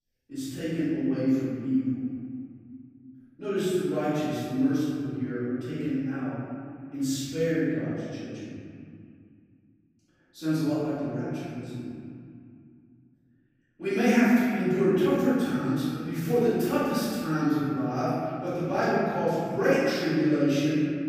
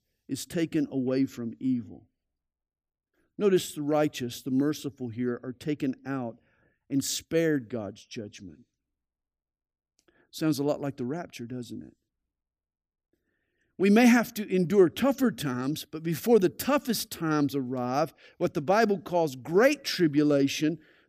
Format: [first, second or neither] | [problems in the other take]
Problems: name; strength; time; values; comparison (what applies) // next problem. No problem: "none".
second | room echo; strong; dies away in 2.3 s // off-mic speech; far